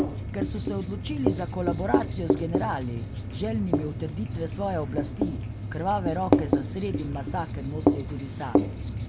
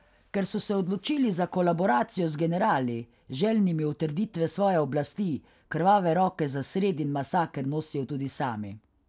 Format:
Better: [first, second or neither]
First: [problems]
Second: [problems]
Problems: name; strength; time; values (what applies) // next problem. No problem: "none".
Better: second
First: background sound (Writing); 4 dB above the speech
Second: none